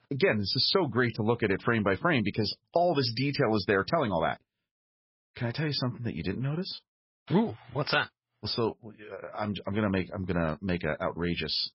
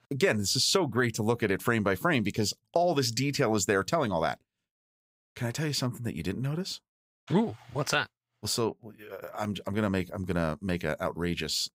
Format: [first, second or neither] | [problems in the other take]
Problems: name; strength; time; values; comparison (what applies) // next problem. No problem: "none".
second | garbled, watery; badly; nothing above 5.5 kHz